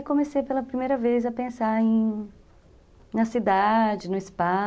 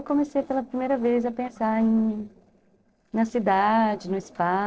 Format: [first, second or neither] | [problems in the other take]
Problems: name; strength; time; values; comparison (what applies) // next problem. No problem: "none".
first | noise reduction (neural separator model SepFormer DNS4)